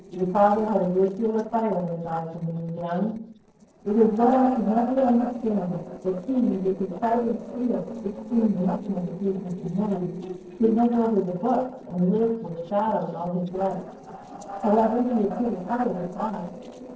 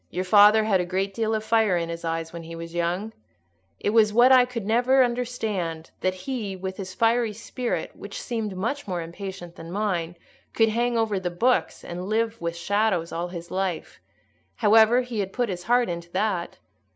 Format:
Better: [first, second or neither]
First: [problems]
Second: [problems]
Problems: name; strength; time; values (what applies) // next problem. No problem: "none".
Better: second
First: noise reduction (neural separator model SepFormer DNS4)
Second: none